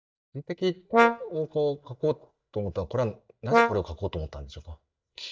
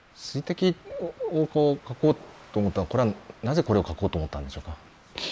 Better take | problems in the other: second | noise reduction (neural mask model DeepFilterNet 3)

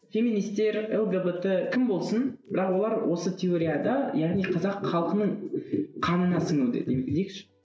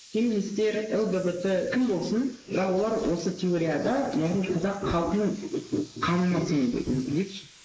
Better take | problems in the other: first | noise reduction (neural mask model Resemble Enhance denoiser)

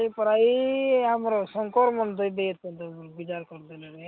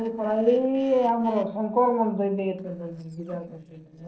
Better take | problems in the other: first | noise reduction (neural separator model SepFormer DNS4)

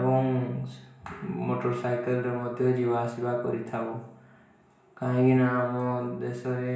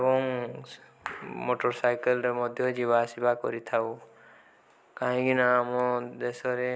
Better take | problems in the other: second | room echo; dies away in 0.6 s

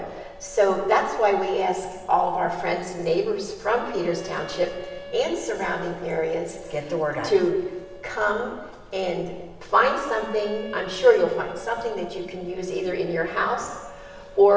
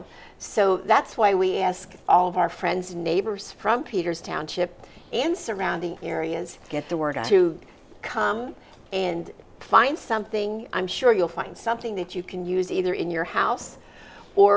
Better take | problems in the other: second | background sound (Wind instrument, woodwind instrument); 18 dB below the speech // room echo; dies away in 1.2 s

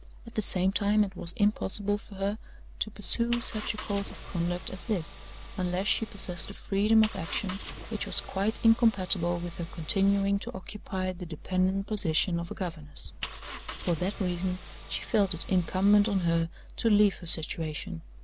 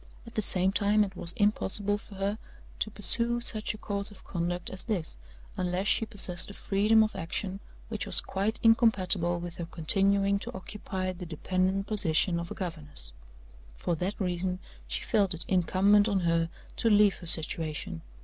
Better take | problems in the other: second | background sound (Engine); 15 dB below the speech

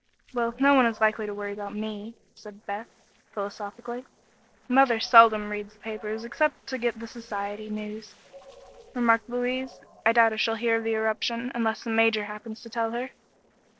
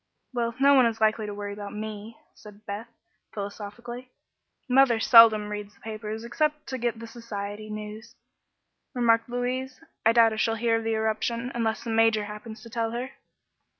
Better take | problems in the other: second | noise reduction (neural separator model SepFormer DNS4)

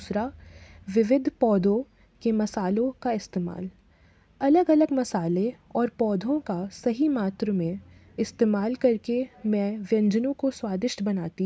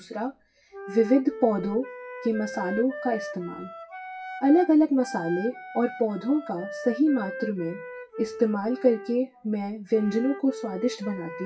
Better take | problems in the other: first | noise reduction (classical method WPE with log-MMSE)

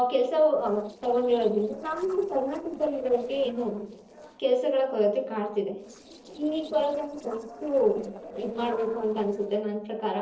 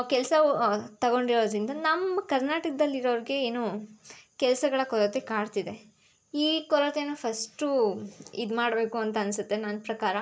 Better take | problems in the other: second | noise reduction (neural separator model SepFormer DNS4)

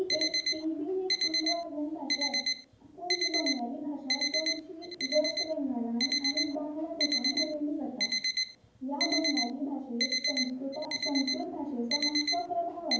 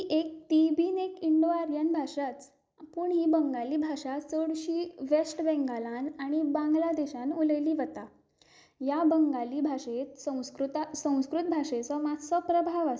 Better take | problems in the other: second | background sound (Alarm); 1 dB above the speech // room echo; dies away in 0.9 s

